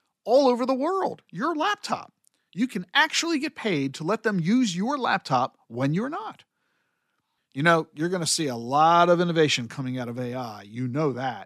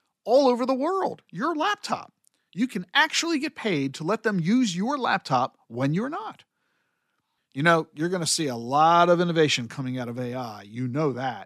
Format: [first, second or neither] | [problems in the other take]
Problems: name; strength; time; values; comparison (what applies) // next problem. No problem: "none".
neither | none